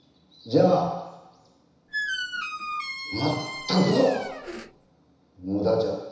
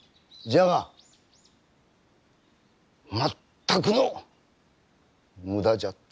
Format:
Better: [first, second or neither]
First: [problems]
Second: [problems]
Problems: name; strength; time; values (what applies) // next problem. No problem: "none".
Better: second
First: background sound (Squeak); 7 dB below the speech // room echo; dies away in 1 s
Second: none